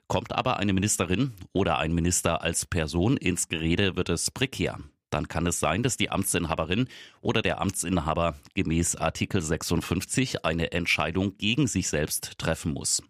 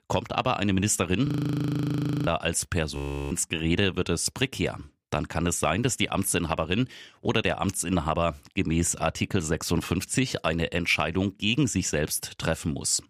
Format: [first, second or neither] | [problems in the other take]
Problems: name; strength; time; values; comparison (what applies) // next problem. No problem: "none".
first | audio freezing; at 1.5 s for 1 s and at 3 s